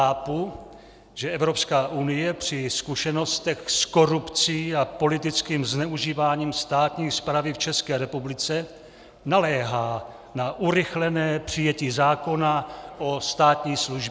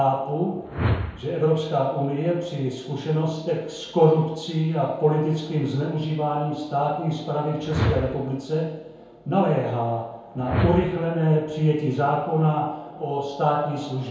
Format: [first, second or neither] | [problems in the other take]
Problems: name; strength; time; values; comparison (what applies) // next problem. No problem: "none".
first | background sound (Whoosh, swoosh, swish); 6 dB below the speech // room echo; dies away in 0.9 s